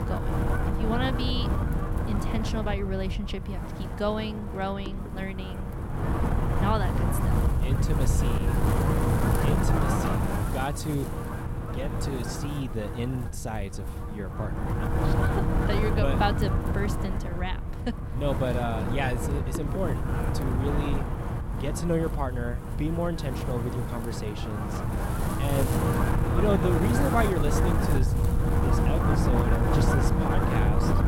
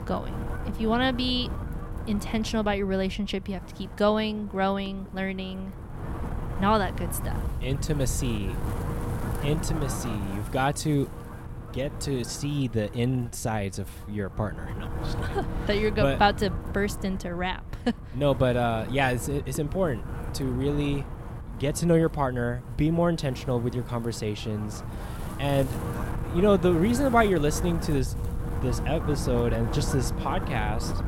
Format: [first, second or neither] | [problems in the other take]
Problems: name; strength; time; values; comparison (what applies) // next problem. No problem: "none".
second | wind noise on the microphone; heavy; 1 dB above the speech; occasional gusts in the second